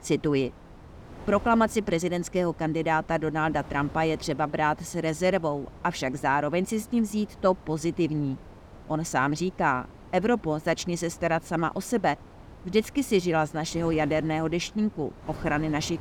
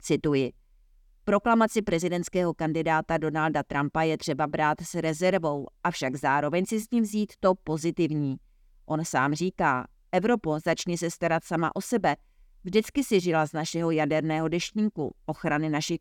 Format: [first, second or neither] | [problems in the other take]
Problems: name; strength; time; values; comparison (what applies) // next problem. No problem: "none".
second | wind noise on the microphone; occasional gusts; 20 dB below the speech